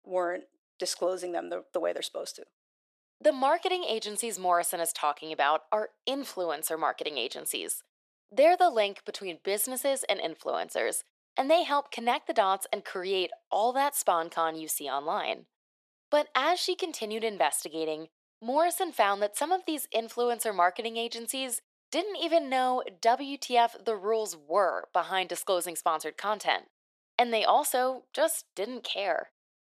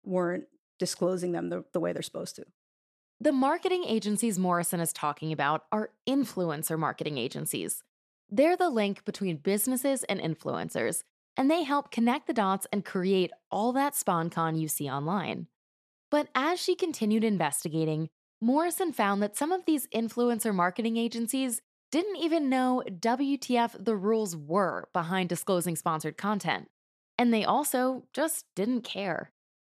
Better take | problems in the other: second | thin; very; fading below 400 Hz

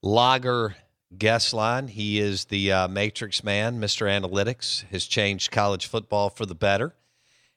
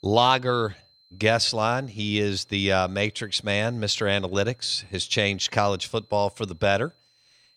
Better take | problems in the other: first | high-pitched whine; faint; throughout; 4 kHz, 35 dB below the speech

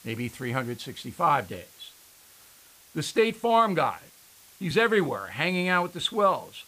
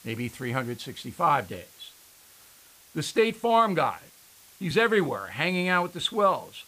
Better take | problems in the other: neither | hiss; faint; throughout; 25 dB below the speech; the same in both

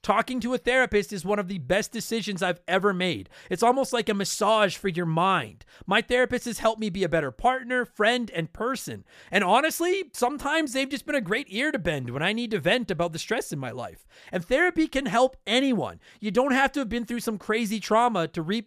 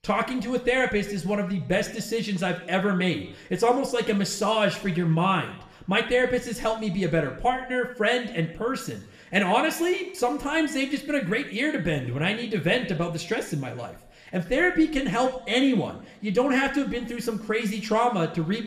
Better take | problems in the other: first | room echo; very slight; dies away in 0.6 s

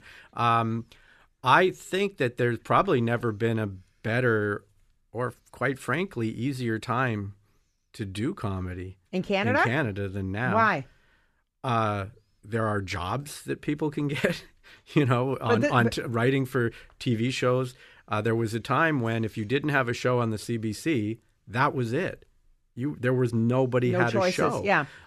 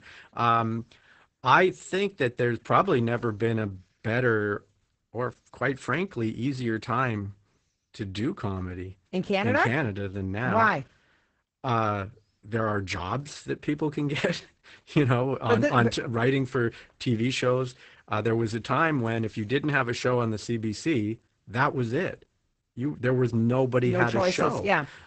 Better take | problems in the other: first | garbled, watery; badly; nothing above 8 kHz

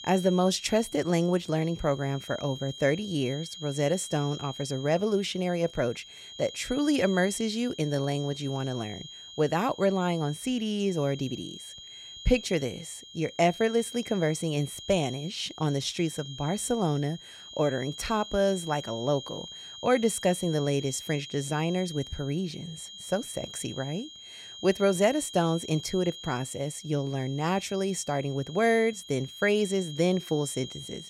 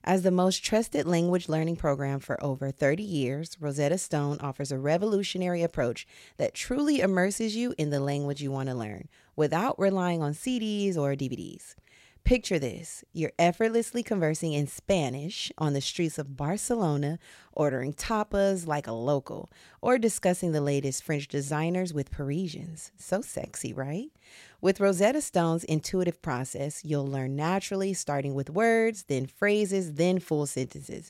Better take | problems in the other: second | high-pitched whine; noticeable; throughout; 3 kHz, 15 dB below the speech

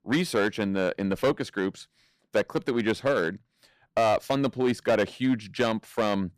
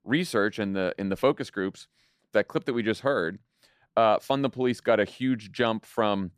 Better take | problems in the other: second | distortion; slight; 5% of the sound clipped

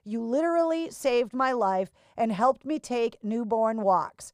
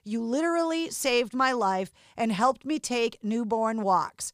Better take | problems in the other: second | muffled; slightly; fading above 2 kHz

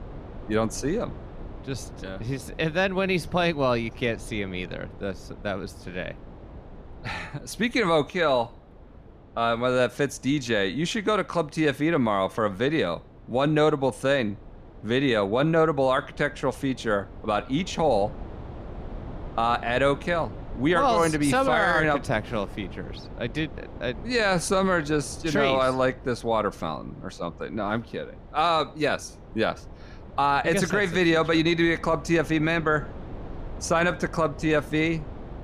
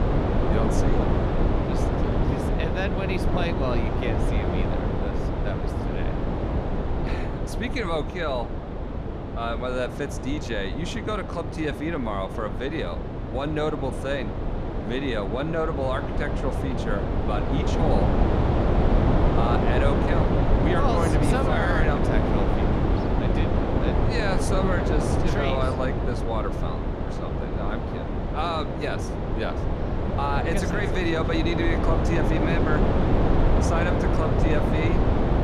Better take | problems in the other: first | wind noise on the microphone; heavy; as loud as the speech; occasional gusts in the first

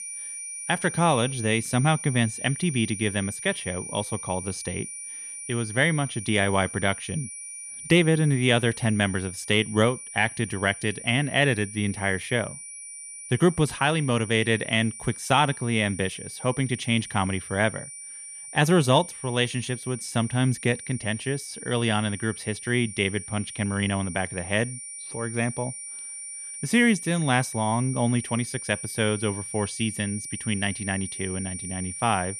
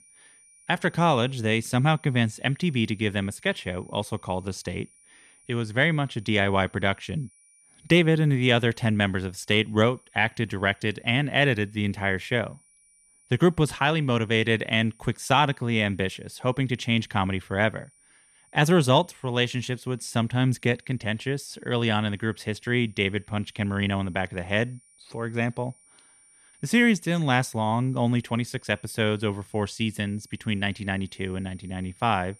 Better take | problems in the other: second | high-pitched whine; loud; throughout; 9.5 kHz, 10 dB below the speech; faint in the second

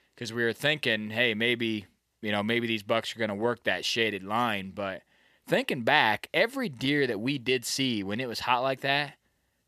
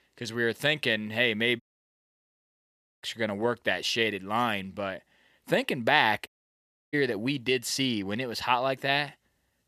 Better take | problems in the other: first | audio cutting out; at 1.5 s for 1.5 s and at 6.5 s for 0.5 s

